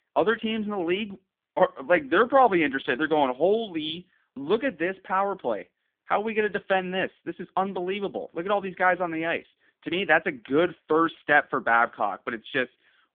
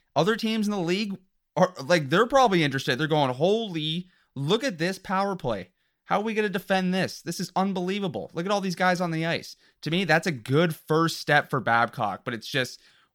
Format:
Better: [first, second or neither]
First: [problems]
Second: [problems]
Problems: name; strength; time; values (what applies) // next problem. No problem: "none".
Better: second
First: phone-call audio; poor line; nothing above 3.5 kHz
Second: none